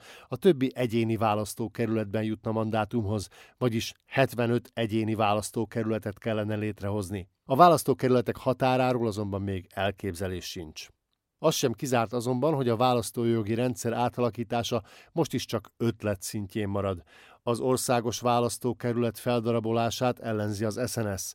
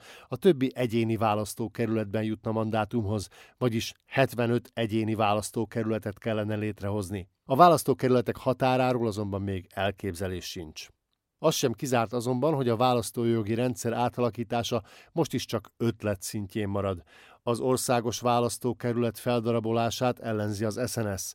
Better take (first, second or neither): neither